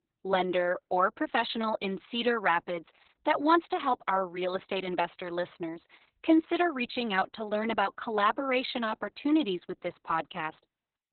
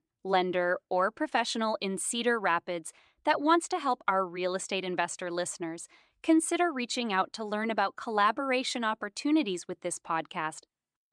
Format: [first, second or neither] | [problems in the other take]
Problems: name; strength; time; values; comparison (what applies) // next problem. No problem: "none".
second | garbled, watery; badly; nothing above 4 kHz